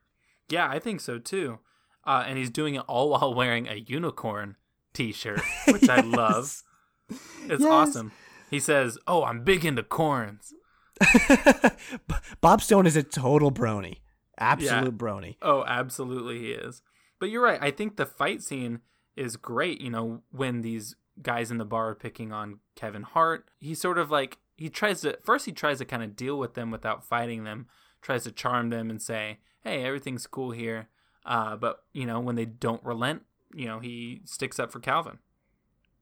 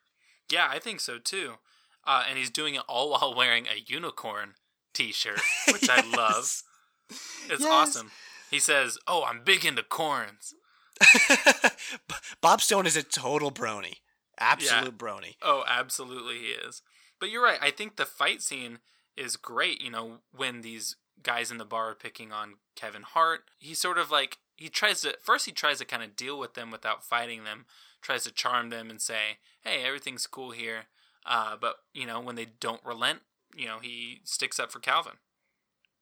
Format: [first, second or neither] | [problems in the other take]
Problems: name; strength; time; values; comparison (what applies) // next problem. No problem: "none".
first | thin; somewhat; fading below 1 kHz